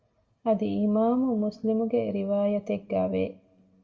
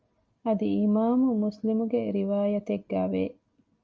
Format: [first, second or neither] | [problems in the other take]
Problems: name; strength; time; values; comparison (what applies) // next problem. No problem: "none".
second | room echo; dies away in 0.3 s